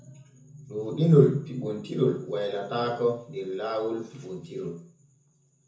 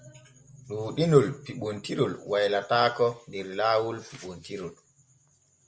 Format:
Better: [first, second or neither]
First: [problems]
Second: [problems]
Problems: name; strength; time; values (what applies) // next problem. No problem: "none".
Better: second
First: room echo; dies away in 0.6 s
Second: none